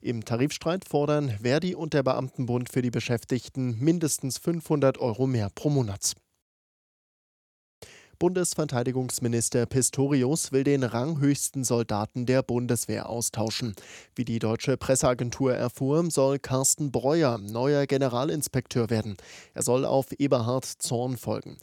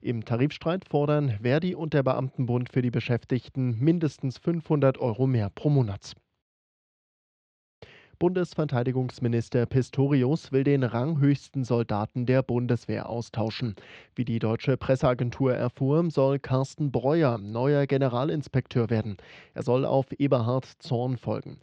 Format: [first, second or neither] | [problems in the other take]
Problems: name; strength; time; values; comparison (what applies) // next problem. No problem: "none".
first | muffled; very; fading above 3.5 kHz